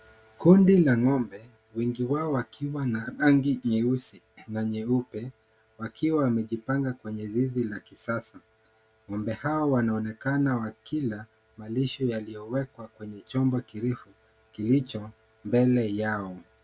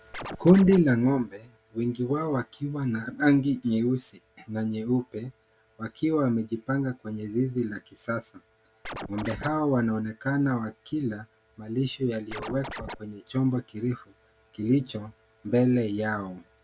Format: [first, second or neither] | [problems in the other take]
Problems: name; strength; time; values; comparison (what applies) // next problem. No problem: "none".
first | background sound (Scratching (performance technique)); 10 dB below the speech